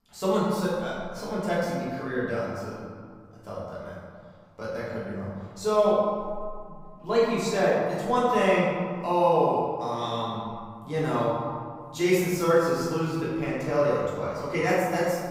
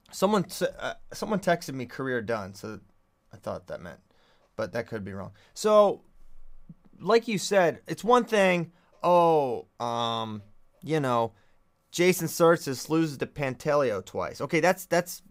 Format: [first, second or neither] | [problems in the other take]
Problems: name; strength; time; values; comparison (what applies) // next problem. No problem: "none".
second | off-mic speech; far // room echo; strong; dies away in 1.9 s